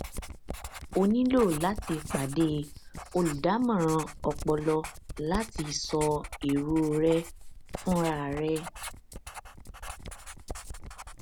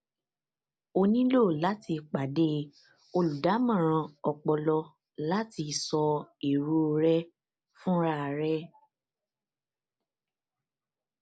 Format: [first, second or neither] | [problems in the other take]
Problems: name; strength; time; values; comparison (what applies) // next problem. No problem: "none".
second | background sound (Writing); 11 dB below the speech